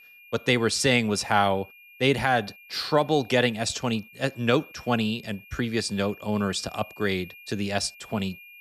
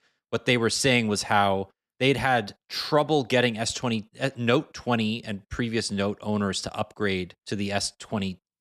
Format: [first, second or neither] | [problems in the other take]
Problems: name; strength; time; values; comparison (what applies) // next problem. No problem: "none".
second | high-pitched whine; faint; throughout; 2.5 kHz, 20 dB below the speech